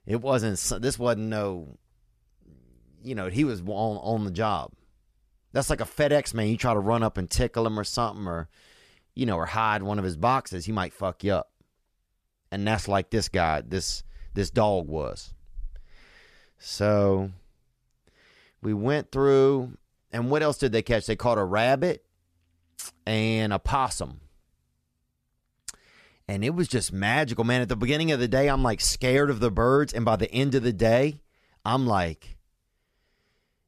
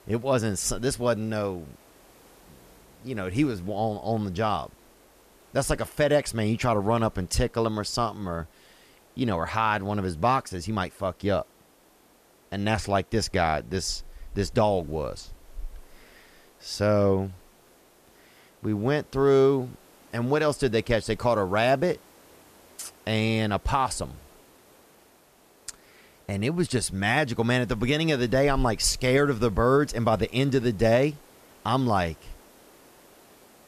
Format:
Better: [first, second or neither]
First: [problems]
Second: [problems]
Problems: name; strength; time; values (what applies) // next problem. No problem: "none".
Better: first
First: none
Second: hiss; faint; throughout; 30 dB below the speech